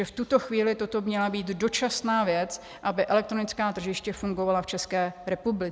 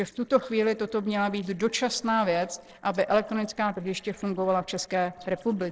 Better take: first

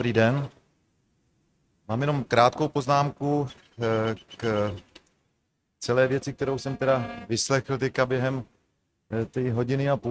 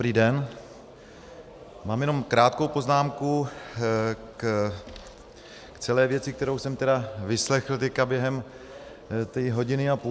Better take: second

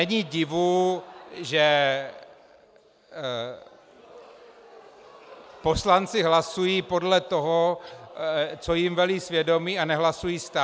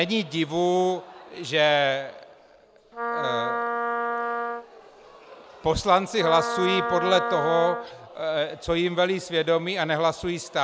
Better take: first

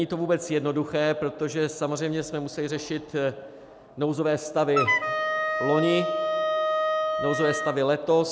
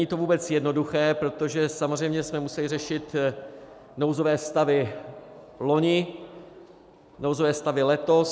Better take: second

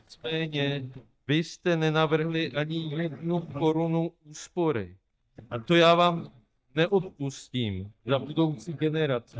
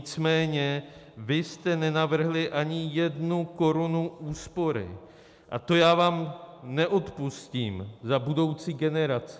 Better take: second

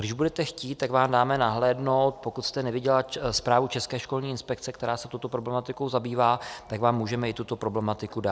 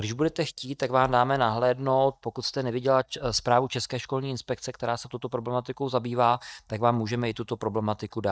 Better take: first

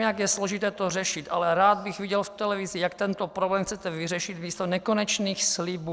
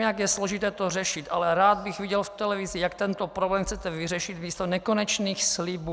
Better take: second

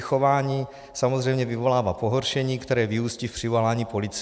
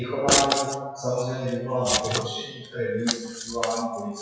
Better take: first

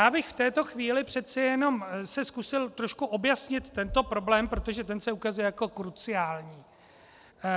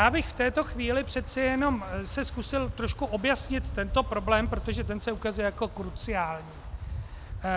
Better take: first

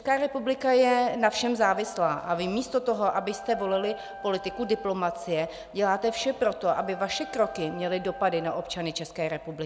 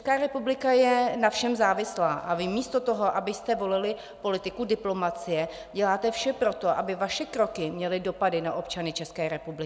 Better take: second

